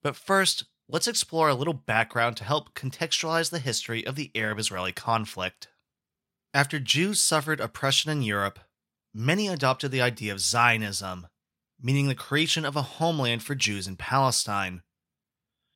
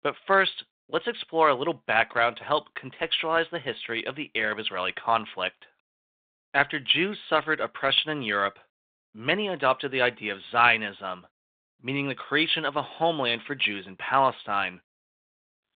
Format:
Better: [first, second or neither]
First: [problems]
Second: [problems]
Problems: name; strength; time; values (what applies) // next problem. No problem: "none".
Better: first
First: none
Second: phone-call audio